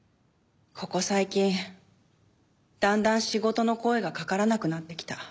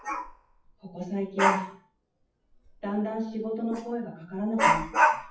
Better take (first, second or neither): first